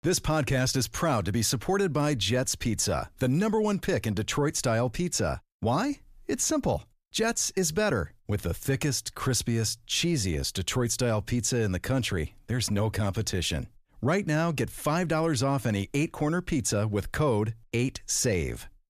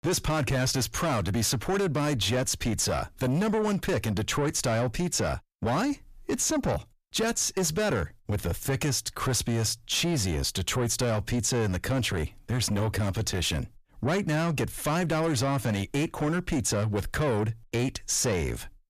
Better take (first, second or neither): first